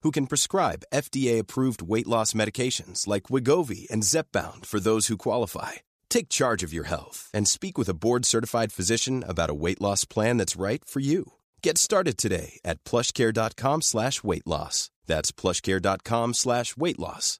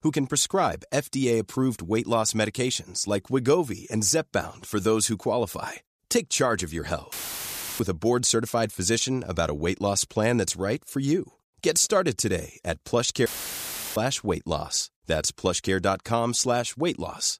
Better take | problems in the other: first | audio cutting out; filled with static; at 7 s for 0.5 s and at 13 s for 0.5 s

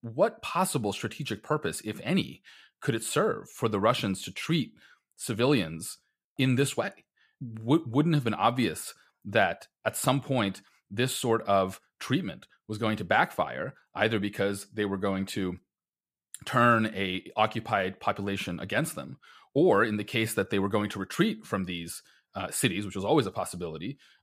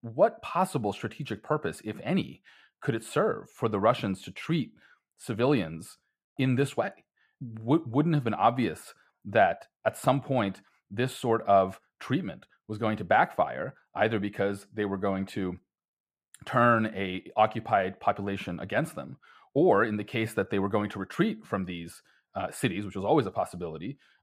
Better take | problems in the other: first | muffled; slightly; fading above 3 kHz

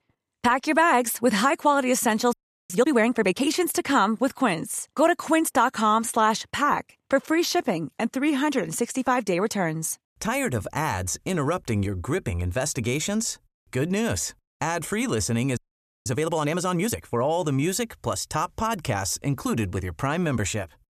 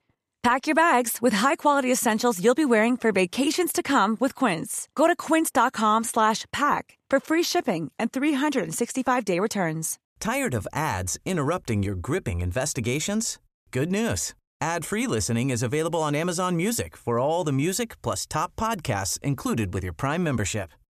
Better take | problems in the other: second | audio freezing; at 2.5 s and at 16 s

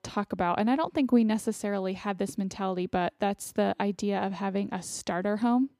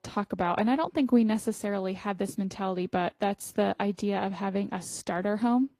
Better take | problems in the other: first | garbled, watery; slightly; nothing above 15 kHz

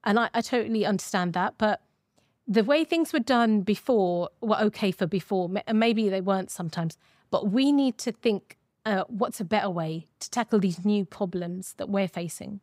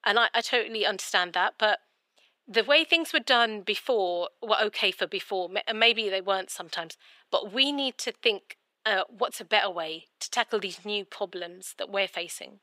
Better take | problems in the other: first | thin; very; fading below 400 Hz

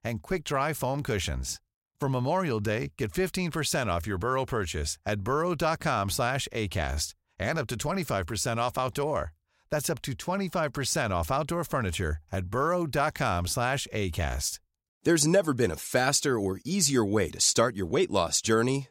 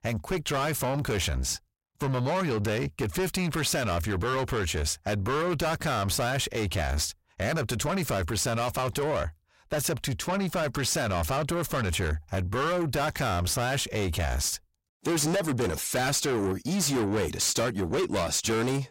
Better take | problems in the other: first | distortion; heavy; 6 dB below the speech

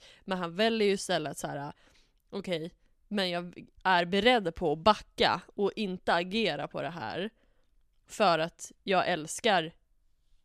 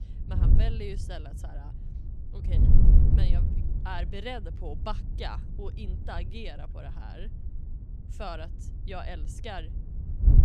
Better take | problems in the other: first | wind noise on the microphone; heavy; 4 dB below the speech

